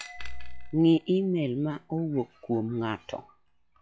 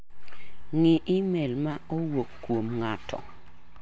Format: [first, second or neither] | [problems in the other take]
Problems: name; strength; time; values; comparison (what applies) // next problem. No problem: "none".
second | noise reduction (classical method log-MMSE)